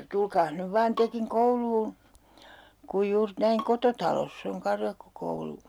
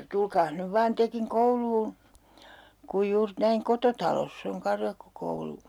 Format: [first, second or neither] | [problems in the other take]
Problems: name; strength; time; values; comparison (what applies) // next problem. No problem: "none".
second | background sound (Bowed string instrument); 19 dB below the speech